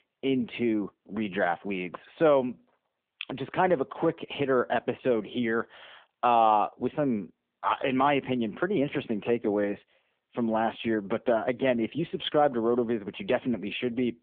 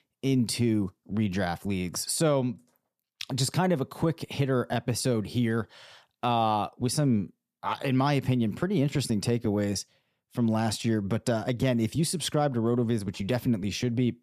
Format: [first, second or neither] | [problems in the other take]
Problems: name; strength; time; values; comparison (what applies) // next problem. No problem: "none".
second | phone-call audio; nothing above 3.5 kHz